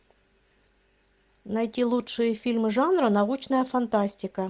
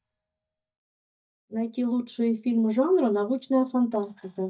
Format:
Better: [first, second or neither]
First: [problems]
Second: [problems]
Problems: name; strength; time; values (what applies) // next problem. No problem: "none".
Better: first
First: none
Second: noise reduction (neural mask model DeepFilterNet 3)